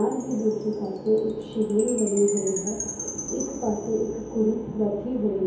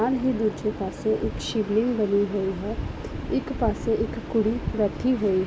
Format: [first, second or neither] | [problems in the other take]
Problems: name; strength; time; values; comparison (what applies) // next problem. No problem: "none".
second | background sound (Chime); 12 dB below the speech // room echo; dies away in 0.7 s